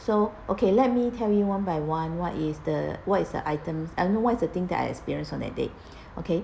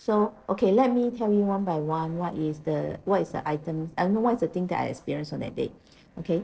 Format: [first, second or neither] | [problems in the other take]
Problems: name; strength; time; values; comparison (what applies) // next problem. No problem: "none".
first | noise reduction (neural separator model SepFormer DNS4)